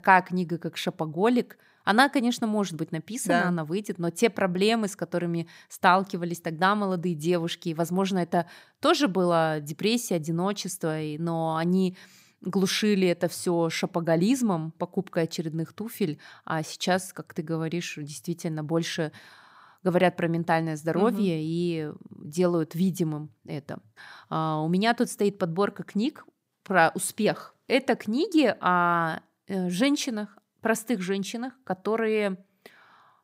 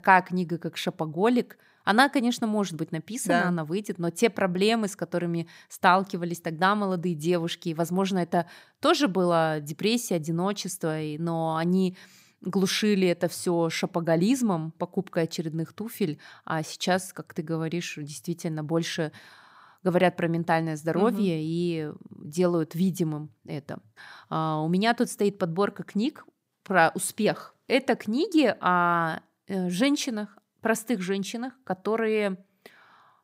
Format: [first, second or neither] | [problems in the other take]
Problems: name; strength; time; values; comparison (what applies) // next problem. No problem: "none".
neither | none